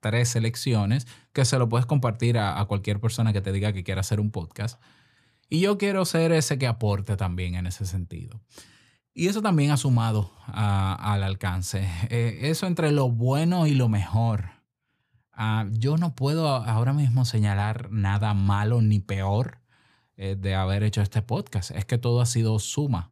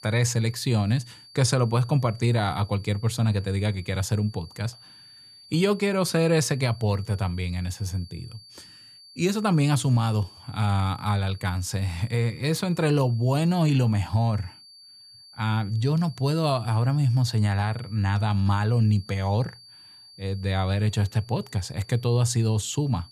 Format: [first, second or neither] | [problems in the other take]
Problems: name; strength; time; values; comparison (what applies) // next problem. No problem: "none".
first | high-pitched whine; faint; throughout; 4.5 kHz, 20 dB below the speech